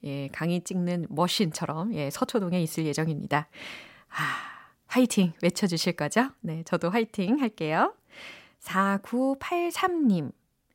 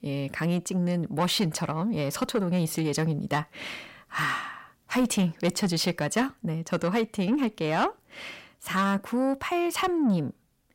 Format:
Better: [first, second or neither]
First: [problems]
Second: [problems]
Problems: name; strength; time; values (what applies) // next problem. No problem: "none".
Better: first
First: none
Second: distortion; slight; 10 dB below the speech